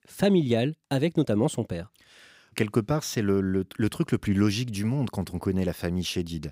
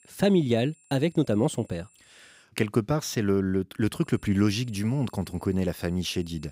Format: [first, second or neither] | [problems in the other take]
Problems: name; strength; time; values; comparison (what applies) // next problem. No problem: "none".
first | high-pitched whine; faint; until 2.5 s and from 4 s on; 7.5 kHz, 30 dB below the speech